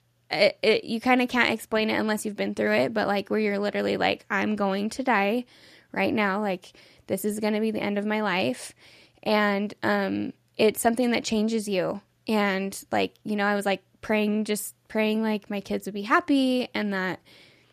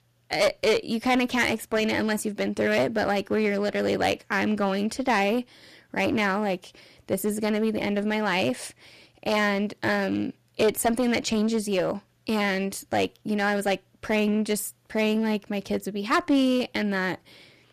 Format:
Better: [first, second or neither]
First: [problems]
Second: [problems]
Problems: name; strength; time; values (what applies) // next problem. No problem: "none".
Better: first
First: none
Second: distortion; slight; 6% of the sound clipped